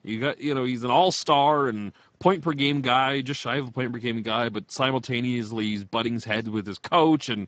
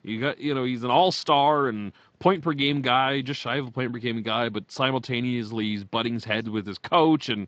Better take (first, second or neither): second